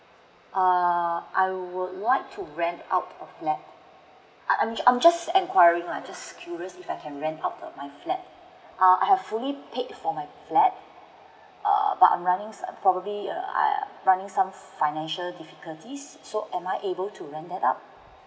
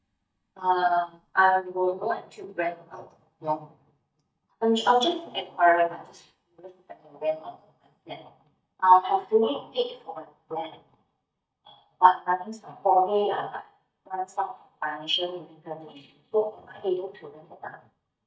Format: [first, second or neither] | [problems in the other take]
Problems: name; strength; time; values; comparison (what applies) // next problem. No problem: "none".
first | noise reduction (neural mask model DeepFilterNet 3)